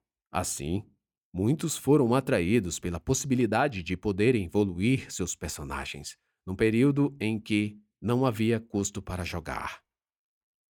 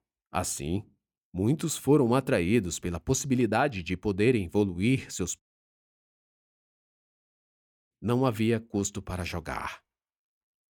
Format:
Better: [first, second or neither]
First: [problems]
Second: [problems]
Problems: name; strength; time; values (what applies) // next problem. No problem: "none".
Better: first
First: none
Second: audio cutting out; at 5.5 s for 2.5 s